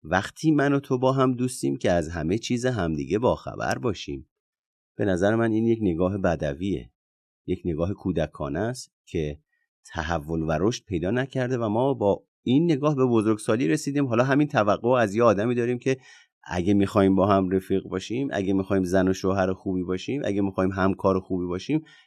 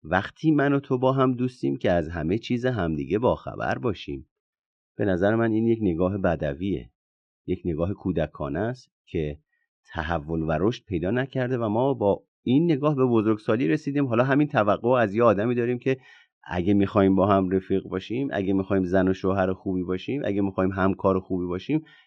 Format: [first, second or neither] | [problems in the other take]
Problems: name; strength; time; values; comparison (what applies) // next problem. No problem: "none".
first | muffled; slightly; fading above 3.5 kHz